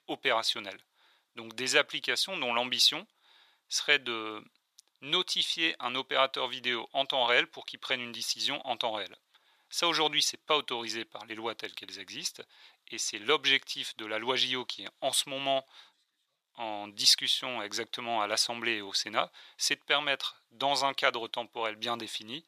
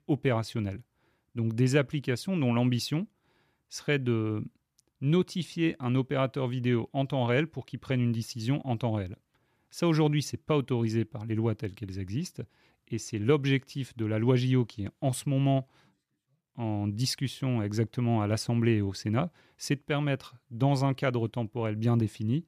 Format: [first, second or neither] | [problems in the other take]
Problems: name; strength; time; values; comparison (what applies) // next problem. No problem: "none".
second | thin; very; fading below 850 Hz